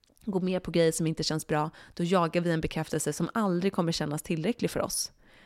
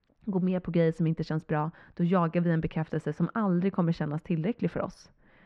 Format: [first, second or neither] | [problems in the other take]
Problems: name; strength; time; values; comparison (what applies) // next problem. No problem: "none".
first | muffled; very; fading above 2 kHz